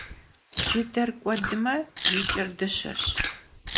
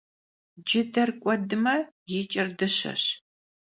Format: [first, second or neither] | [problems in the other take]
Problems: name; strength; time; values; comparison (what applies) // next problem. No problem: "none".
second | noise reduction (neural mask model Resemble Enhance denoiser)